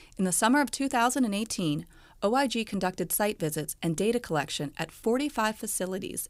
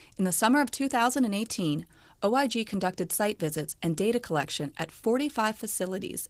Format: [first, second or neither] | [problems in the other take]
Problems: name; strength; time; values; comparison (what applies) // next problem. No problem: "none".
first | garbled, watery; slightly; nothing above 15.5 kHz